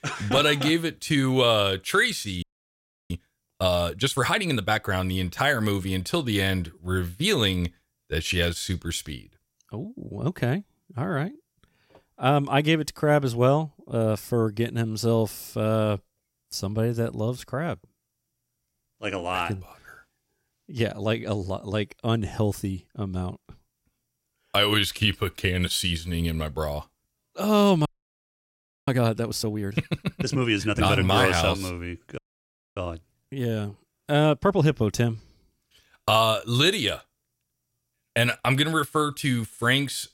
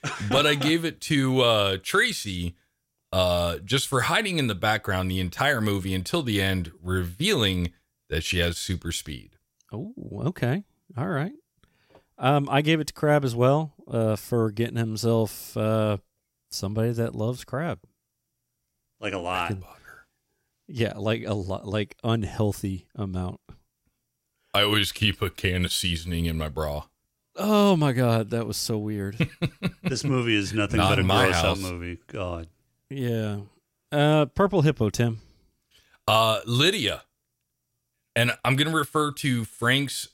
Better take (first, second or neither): second